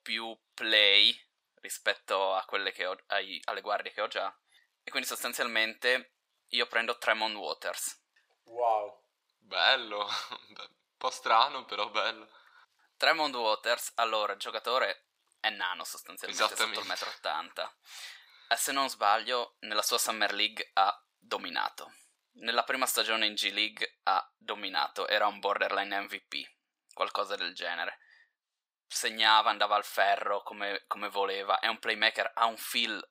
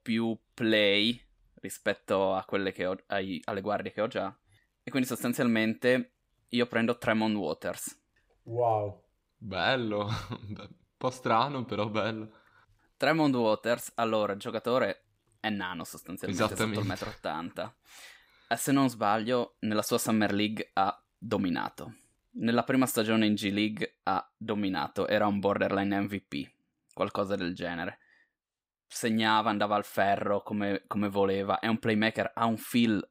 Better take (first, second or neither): second